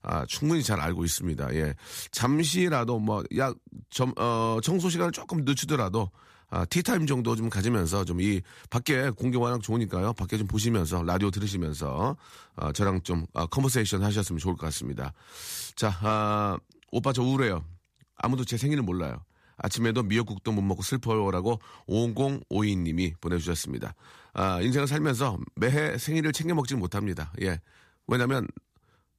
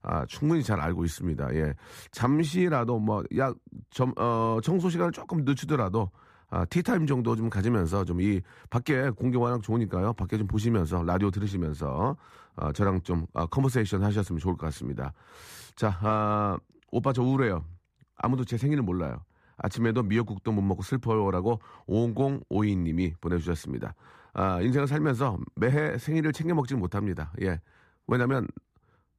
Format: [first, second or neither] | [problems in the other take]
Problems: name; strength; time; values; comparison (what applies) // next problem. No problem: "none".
first | muffled; slightly; fading above 2.5 kHz